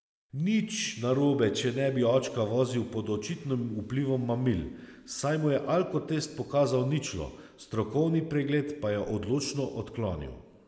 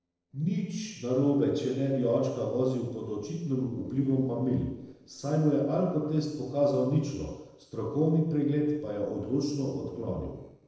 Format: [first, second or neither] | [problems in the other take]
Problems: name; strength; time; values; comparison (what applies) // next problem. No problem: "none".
first | noise reduction (neural separator model SepFormer DNS4)